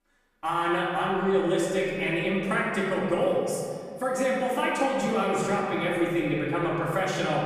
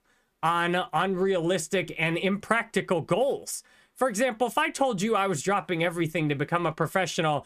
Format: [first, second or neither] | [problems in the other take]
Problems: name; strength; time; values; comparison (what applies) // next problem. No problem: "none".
second | off-mic speech; far // room echo; noticeable; dies away in 2.1 s